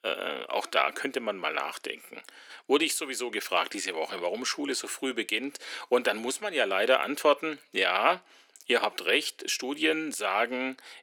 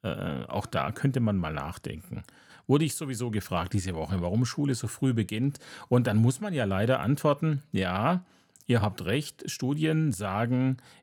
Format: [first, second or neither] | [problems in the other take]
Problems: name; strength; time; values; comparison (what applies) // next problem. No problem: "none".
second | thin; very; fading below 350 Hz